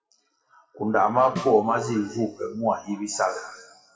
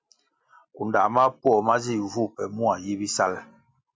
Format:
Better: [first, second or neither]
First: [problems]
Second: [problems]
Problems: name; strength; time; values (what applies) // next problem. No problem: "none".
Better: second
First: noise reduction (classical method WPE with log-MMSE)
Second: none